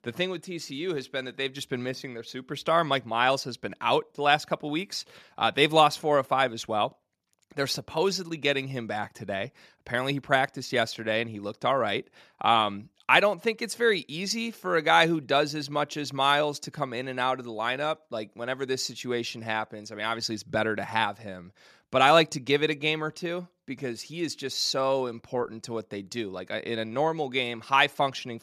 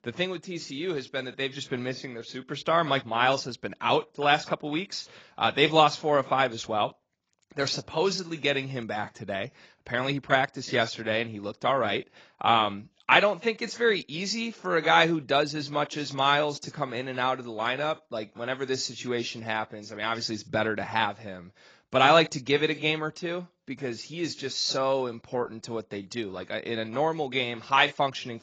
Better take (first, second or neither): first